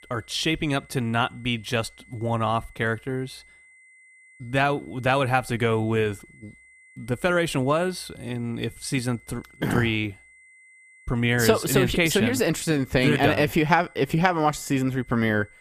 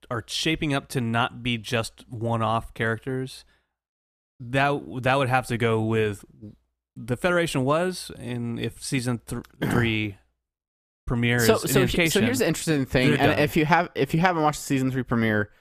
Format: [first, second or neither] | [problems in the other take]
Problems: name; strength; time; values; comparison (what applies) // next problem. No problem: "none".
second | high-pitched whine; faint; throughout; 2 kHz, 25 dB below the speech